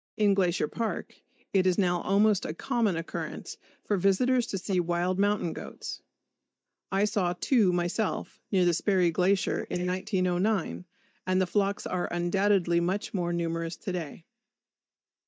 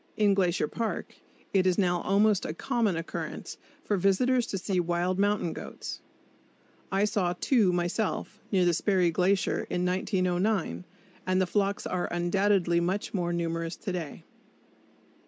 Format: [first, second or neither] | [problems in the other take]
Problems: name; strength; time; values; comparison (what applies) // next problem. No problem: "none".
second | noise reduction (neural mask model DeepFilterNet 3)